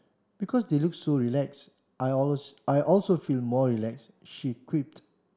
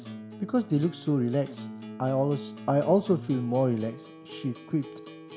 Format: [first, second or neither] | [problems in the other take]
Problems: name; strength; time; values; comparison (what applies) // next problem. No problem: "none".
first | background sound (Acoustic guitar); 14 dB below the speech